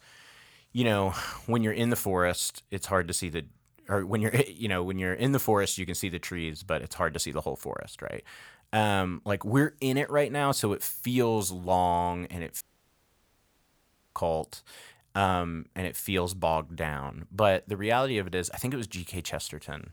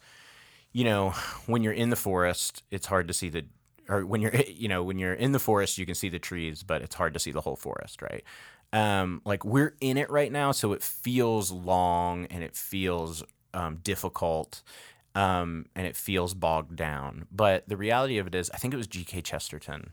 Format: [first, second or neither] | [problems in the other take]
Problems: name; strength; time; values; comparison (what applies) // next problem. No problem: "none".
second | audio cutting out; at 13 s for 1.5 s